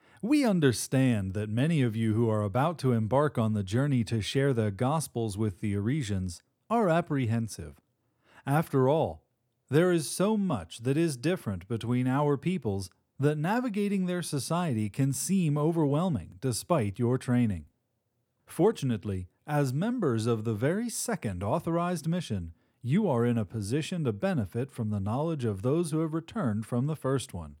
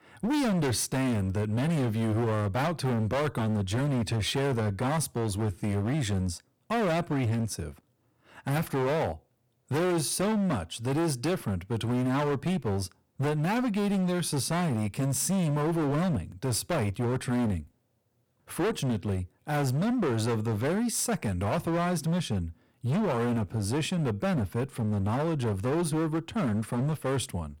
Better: first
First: none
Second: distortion; heavy; 27% of the sound clipped

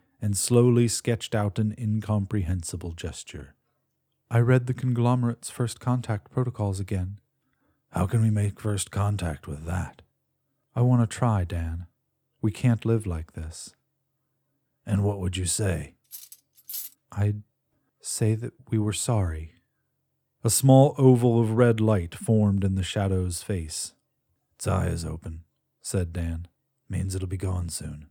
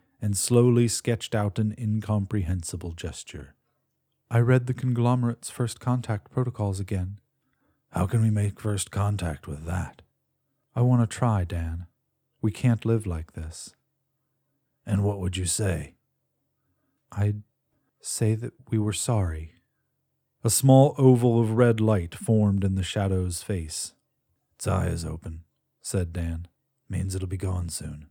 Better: second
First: clattering dishes; noticeable; at 16 s; peak 9 dB below the speech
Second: none

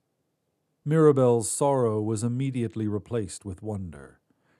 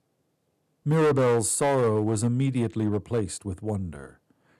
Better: first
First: none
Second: distortion; heavy; 8% of the sound clipped

